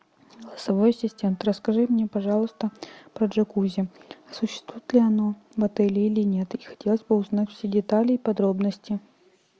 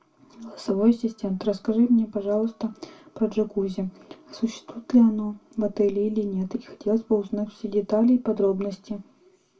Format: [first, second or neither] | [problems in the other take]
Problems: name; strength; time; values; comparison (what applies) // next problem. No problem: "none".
first | room echo; dies away in 0.2 s